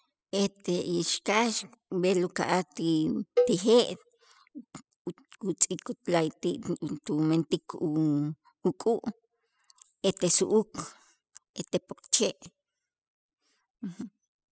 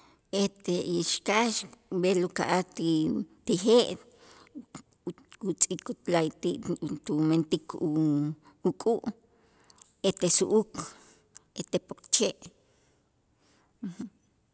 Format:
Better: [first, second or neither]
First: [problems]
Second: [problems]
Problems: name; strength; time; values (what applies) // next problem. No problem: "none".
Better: second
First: noise reduction (classical method spectral subtraction)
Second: none